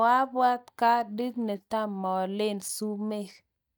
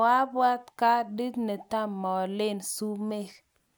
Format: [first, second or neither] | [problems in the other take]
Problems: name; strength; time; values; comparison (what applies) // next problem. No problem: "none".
second | noise reduction (neural mask model DeepFilterNet 3)